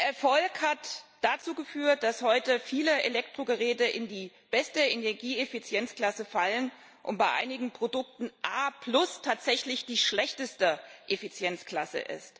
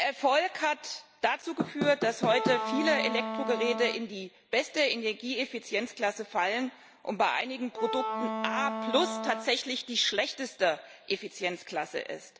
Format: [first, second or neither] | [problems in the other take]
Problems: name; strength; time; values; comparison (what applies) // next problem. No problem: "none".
first | background sound (Knock / Wood + Wind instrument, woodwind instrument); 4 dB below the speech